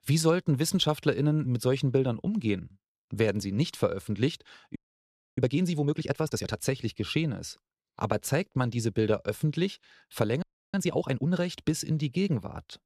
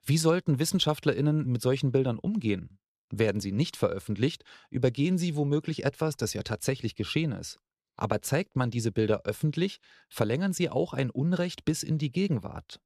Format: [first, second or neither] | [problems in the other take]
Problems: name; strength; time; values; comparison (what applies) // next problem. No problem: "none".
second | audio freezing; at 5 s for 0.5 s and at 10 s